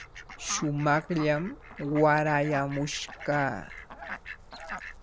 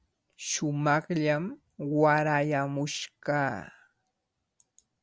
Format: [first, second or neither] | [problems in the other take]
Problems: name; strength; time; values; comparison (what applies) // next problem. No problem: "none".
second | background sound (Fowl); 13 dB below the speech